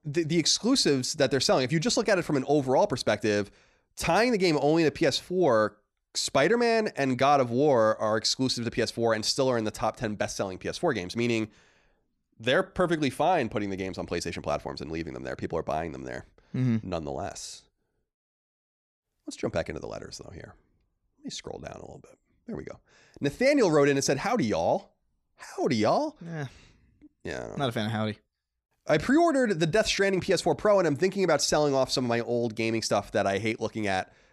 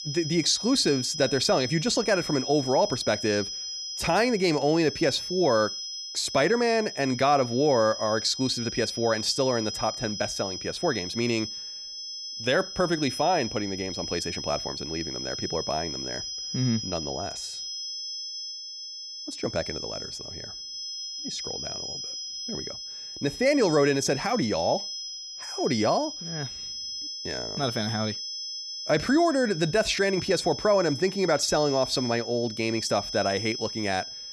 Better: first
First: none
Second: high-pitched whine; loud; throughout; 5 kHz, 7 dB below the speech

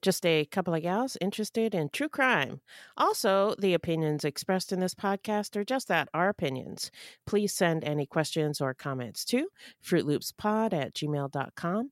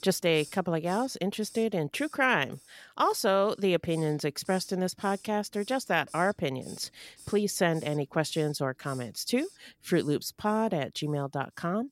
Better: first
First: none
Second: hiss; faint; throughout; 20 dB below the speech

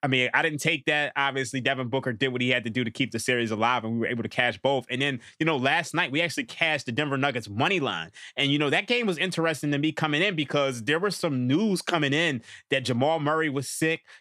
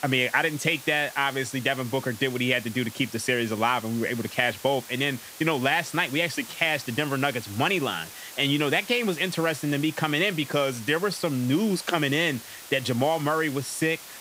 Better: first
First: none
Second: hiss; noticeable; throughout; 15 dB below the speech

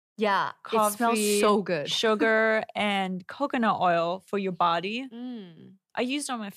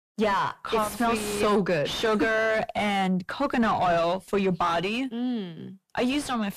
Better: first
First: none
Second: distortion; heavy; 5 dB below the speech

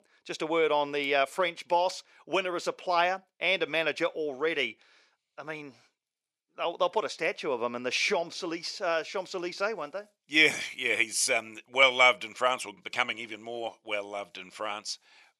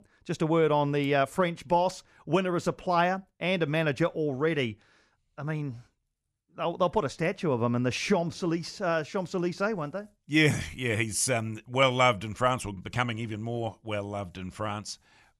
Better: second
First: thin; somewhat; fading below 450 Hz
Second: none

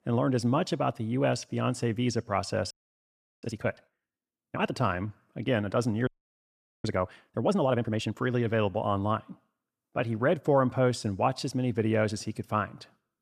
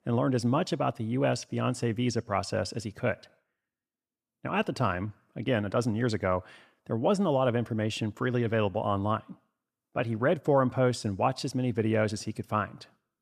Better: second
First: audio freezing; at 2.5 s for 0.5 s and at 6 s for 1 s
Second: none

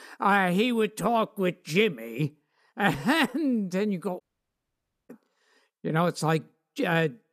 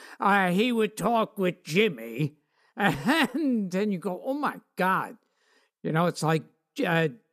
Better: second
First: audio cutting out; at 4 s for 1 s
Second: none

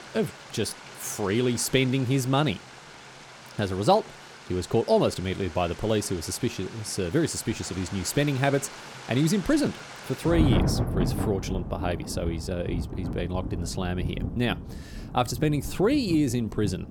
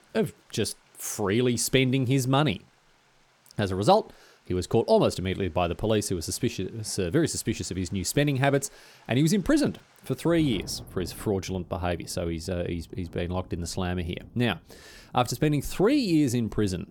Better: second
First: rain or running water; loud; throughout; 8 dB below the speech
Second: rain or running water; faint; throughout; 25 dB below the speech

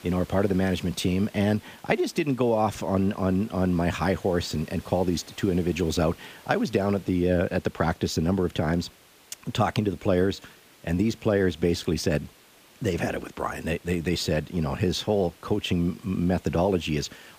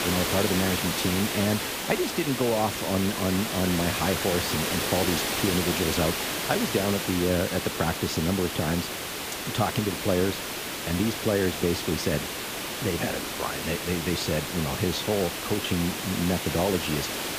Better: first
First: hiss; faint; throughout; 25 dB below the speech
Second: hiss; loud; throughout; 1 dB below the speech

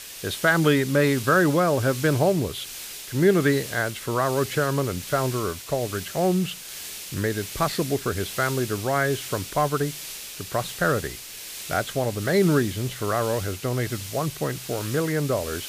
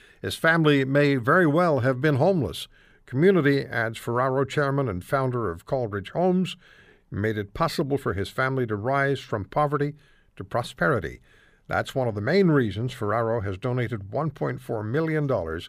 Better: second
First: hiss; noticeable; throughout; 10 dB below the speech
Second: none

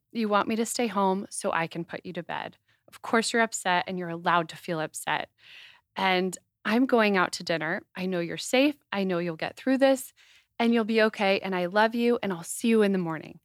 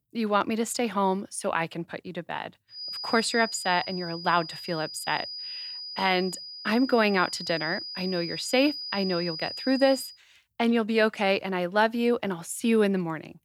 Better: first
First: none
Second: high-pitched whine; loud; from 3 to 10 s; 5 kHz, 8 dB below the speech

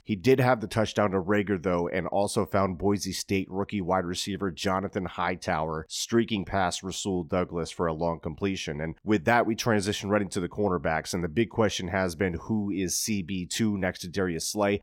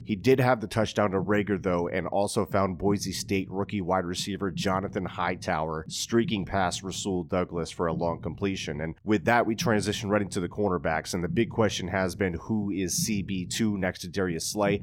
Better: first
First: none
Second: low rumble; faint; throughout; 25 dB below the speech

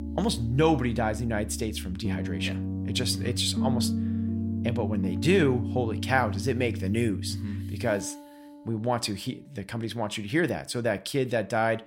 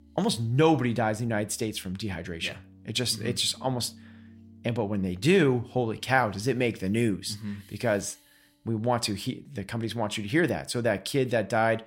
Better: second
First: background music; loud; throughout; 4 dB below the speech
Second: background music; faint; throughout; 25 dB below the speech

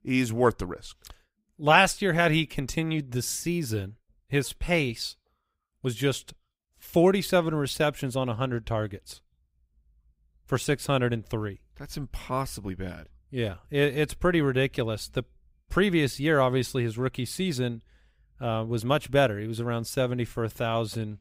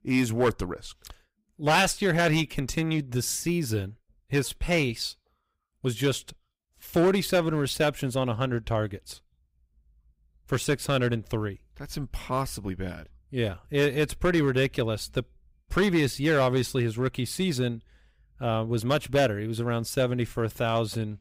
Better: first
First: none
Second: distortion; slight; 3% of the sound clipped

